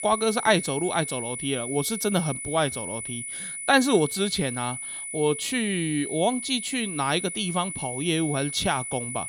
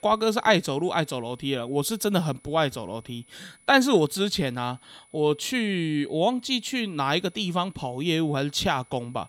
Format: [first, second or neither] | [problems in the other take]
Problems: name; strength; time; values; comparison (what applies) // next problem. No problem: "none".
second | high-pitched whine; loud; throughout; 10 kHz, 6 dB below the speech; faint in the second